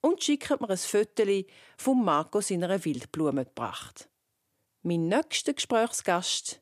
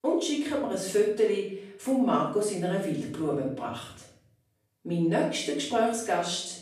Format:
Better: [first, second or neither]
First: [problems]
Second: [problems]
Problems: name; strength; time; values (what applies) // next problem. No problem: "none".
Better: first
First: none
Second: off-mic speech; far // room echo; noticeable; dies away in 0.6 s